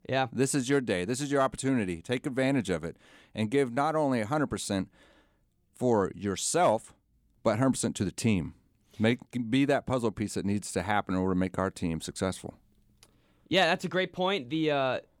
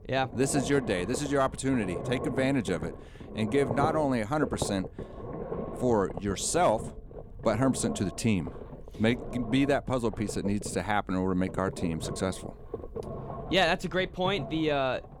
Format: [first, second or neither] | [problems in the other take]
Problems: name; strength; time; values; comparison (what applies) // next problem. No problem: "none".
first | low rumble; noticeable; throughout; 10 dB below the speech